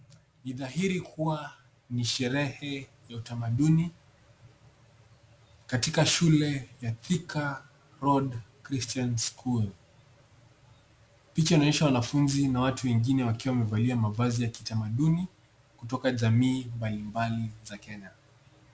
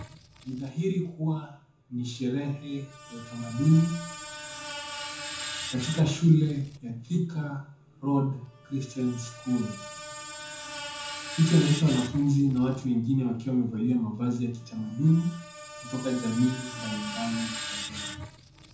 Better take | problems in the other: first | background sound (Screech); 13 dB below the speech // room echo; dies away in 0.5 s

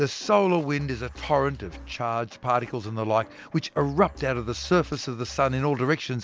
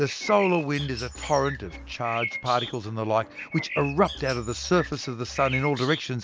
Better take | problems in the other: first | background sound (Bird); 11 dB below the speech

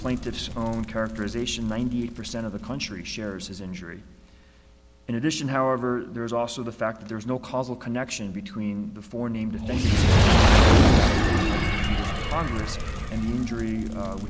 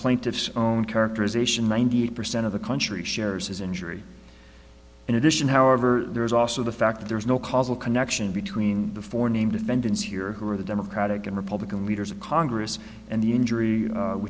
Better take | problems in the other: second | background sound (Fire); 4 dB above the speech

